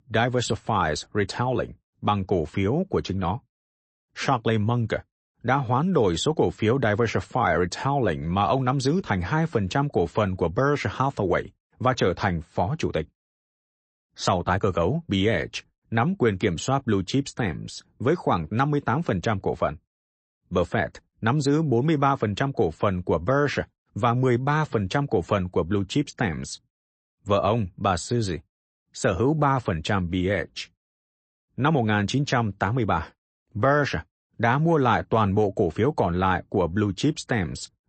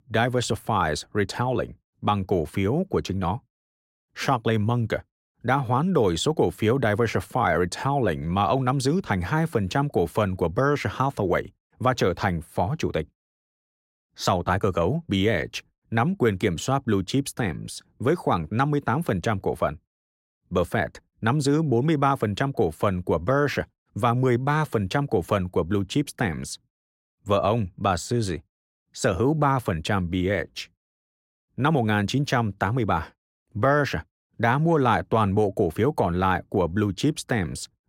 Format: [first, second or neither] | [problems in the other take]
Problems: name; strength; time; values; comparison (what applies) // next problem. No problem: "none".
second | garbled, watery; slightly; nothing above 8 kHz